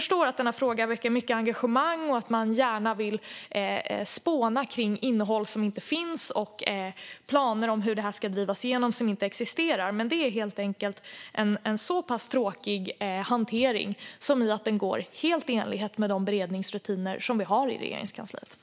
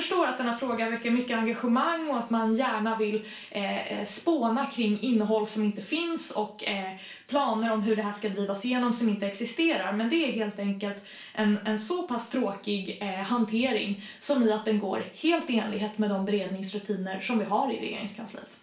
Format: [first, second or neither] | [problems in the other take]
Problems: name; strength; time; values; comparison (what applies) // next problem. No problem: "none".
first | room echo; dies away in 0.3 s